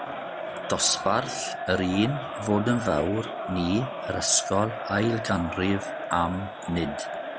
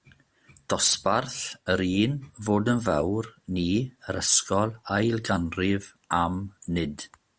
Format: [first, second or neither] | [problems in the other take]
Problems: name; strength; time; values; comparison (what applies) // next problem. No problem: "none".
second | background sound (Crowd); 7 dB below the speech